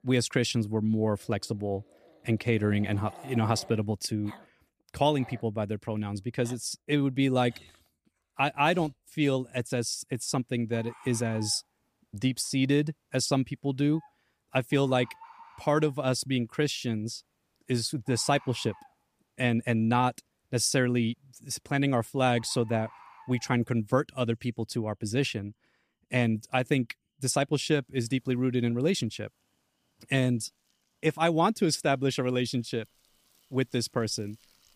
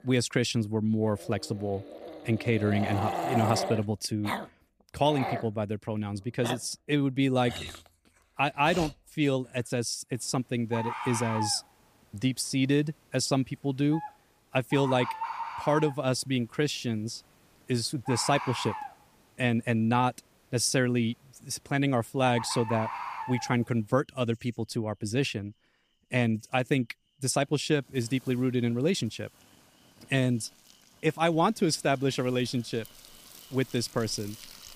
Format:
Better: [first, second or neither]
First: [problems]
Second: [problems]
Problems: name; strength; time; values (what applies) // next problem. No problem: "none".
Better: first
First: animal sounds; faint; throughout; 25 dB below the speech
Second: animal sounds; loud; throughout; 8 dB below the speech